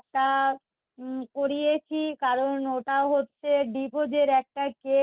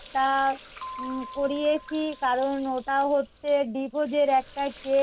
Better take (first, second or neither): first